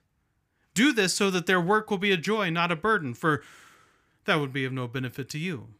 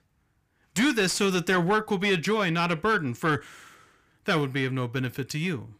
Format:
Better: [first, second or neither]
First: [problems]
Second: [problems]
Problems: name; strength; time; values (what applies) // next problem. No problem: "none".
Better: first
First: none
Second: distortion; slight; 10 dB below the speech